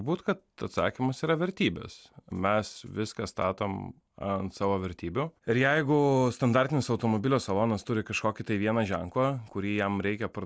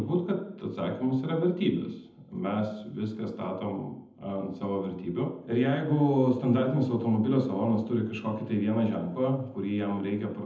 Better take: first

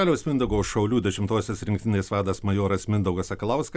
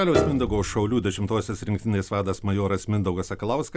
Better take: first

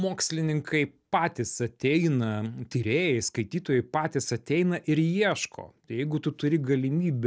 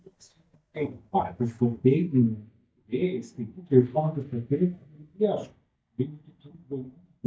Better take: first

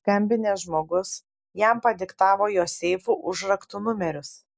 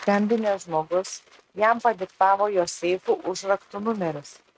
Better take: first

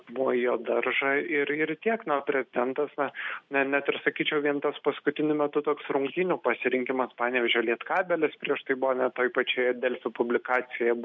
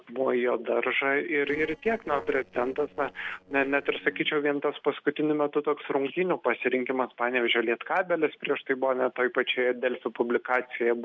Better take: first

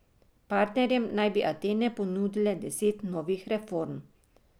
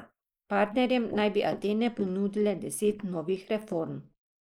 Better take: first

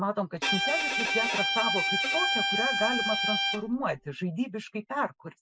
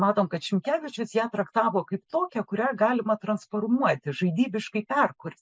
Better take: second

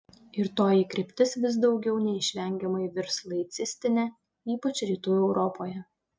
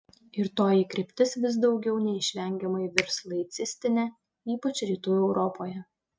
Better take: first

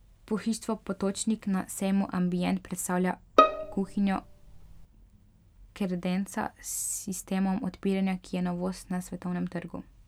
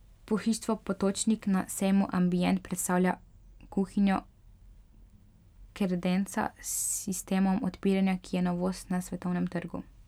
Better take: second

